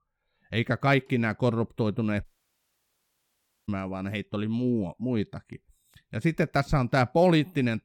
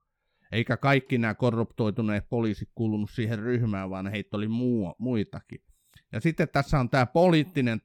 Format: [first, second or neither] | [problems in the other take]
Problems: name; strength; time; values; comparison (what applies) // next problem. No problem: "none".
second | audio cutting out; at 2 s for 1.5 s